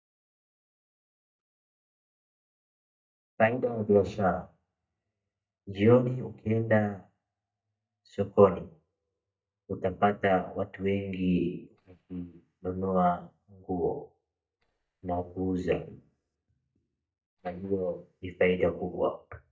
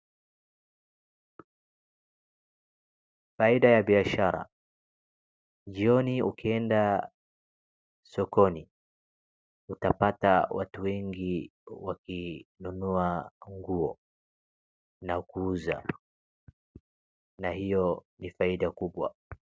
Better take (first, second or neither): second